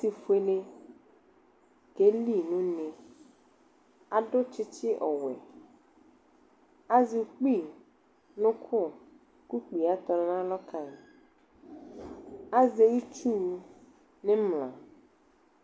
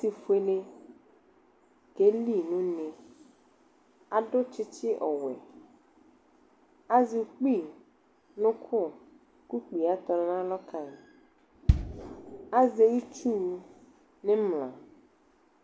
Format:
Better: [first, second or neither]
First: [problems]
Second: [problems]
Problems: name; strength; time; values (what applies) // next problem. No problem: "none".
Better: first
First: none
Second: background sound (Bass drum); 3 dB above the speech